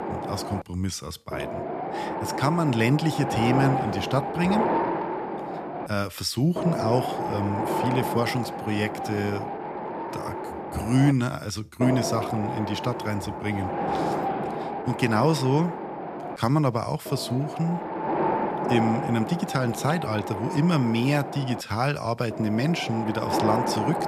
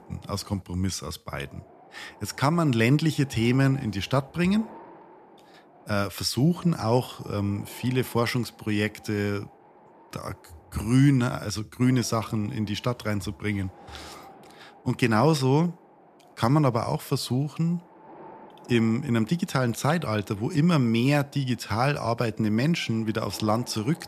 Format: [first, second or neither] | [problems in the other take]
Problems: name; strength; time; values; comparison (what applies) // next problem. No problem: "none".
second | wind noise on the microphone; heavy; as loud as the speech; occasional gusts in the second